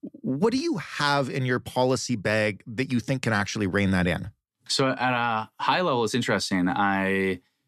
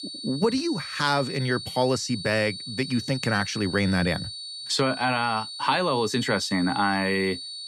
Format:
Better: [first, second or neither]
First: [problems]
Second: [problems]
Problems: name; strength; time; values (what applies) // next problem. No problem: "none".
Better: first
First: none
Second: high-pitched whine; loud; throughout; 4.5 kHz, 9 dB below the speech